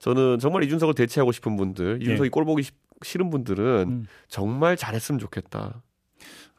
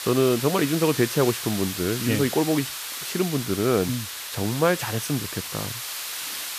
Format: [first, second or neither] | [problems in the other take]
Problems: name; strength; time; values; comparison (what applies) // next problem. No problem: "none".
first | hiss; loud; throughout; 6 dB below the speech